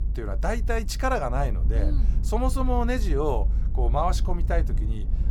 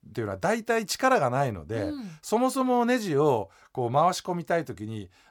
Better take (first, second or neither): second